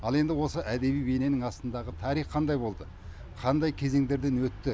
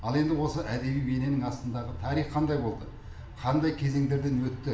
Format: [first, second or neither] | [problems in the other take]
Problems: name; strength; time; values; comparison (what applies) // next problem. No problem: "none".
first | room echo; dies away in 0.8 s